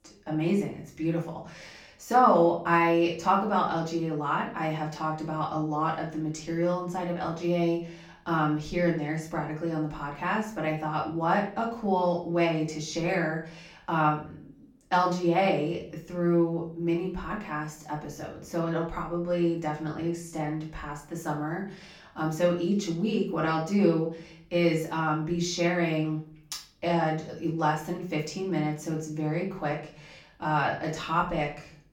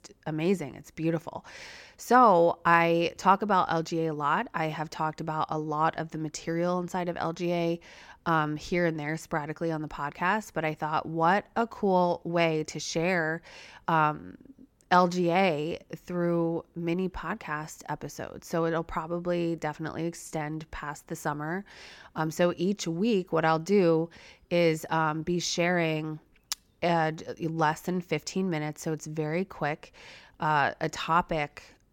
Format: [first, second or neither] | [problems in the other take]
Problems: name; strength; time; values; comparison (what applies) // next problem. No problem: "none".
second | off-mic speech; far // room echo; slight; dies away in 0.4 s